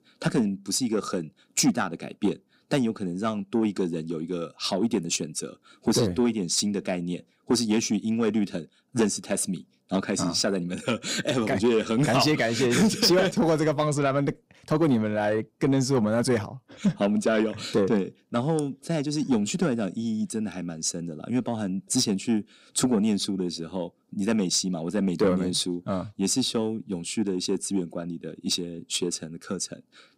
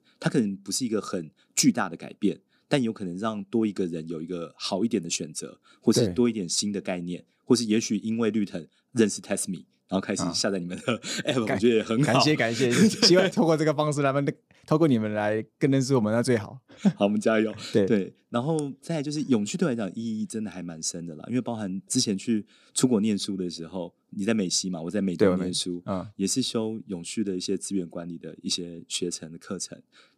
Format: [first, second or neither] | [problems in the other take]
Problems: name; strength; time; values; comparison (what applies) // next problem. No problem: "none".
second | distortion; slight; 10 dB below the speech